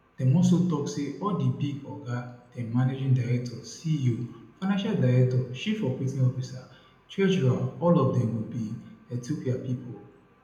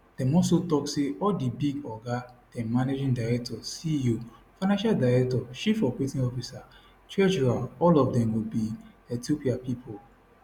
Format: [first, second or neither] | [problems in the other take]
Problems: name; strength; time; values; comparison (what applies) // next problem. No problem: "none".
second | room echo; dies away in 0.7 s